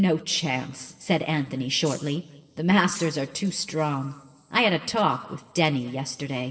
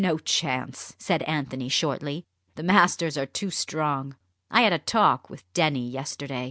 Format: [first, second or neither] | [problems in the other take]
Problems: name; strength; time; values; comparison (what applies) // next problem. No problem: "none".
second | noise reduction (neural separator model SepFormer DNS4)